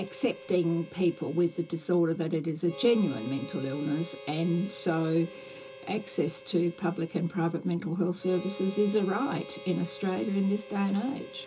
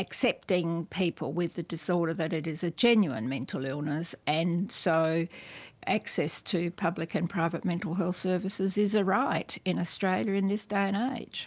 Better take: second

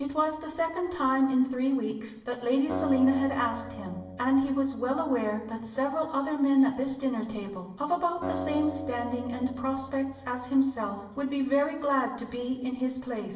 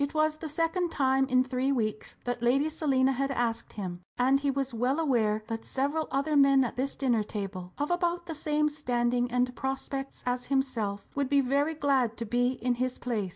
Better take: second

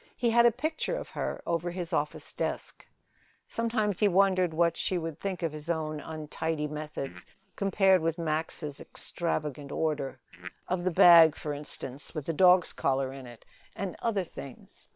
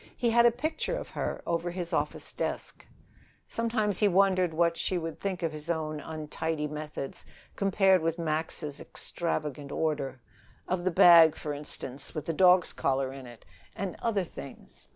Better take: second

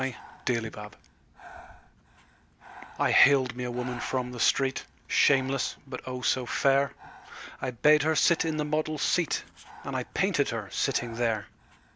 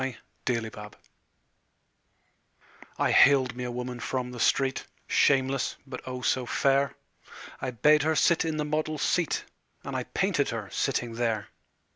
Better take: second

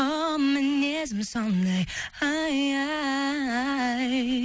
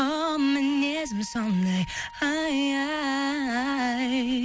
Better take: first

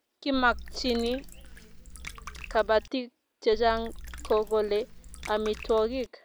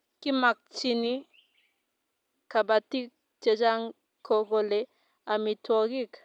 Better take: second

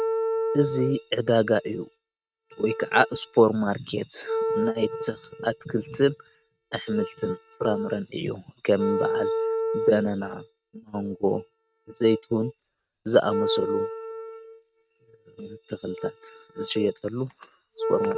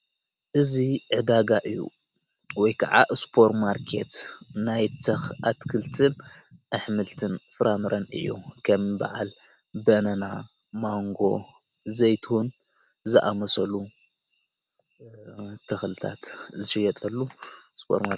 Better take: second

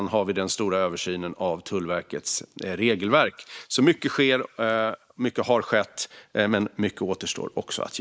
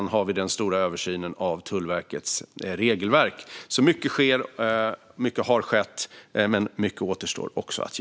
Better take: second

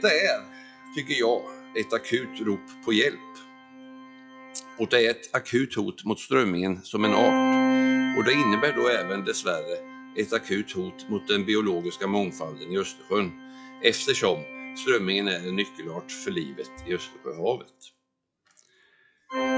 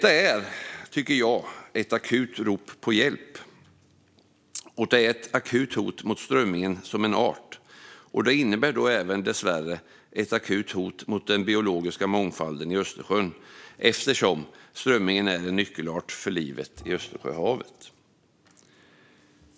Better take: second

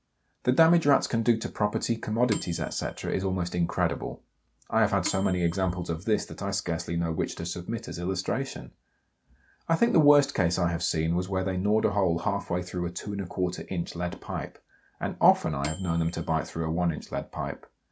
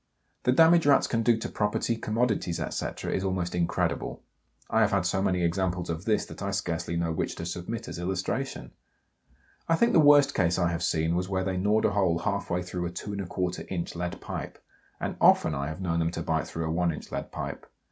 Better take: second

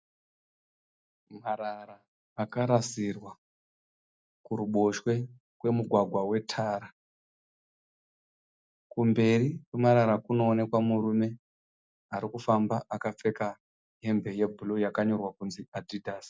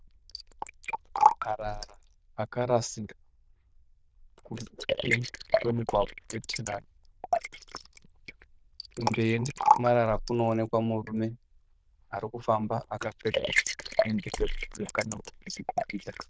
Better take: first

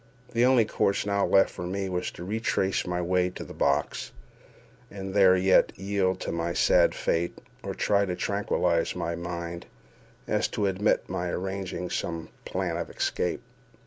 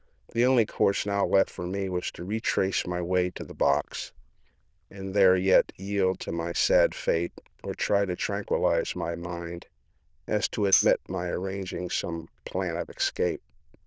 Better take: first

